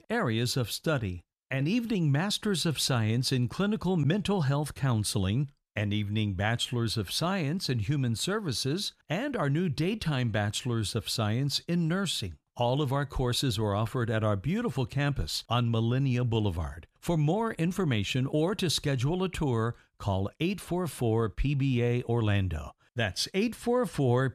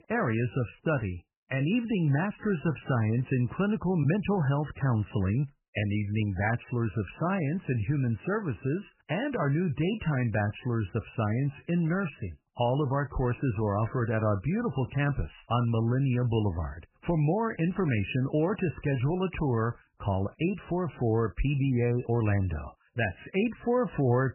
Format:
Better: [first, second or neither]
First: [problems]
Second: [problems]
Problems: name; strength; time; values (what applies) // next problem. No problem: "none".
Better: first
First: none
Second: garbled, watery; badly; nothing above 3 kHz